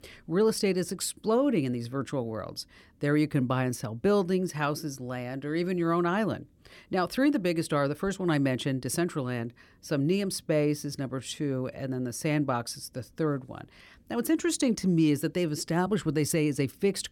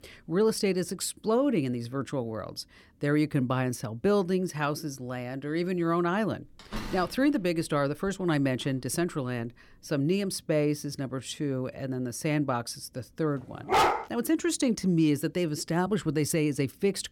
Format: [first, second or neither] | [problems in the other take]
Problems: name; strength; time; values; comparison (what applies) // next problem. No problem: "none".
first | door banging; noticeable; from 6.5 to 9 s; peak 9 dB below the speech // dog barking; loud; at 14 s; peak 5 dB above the speech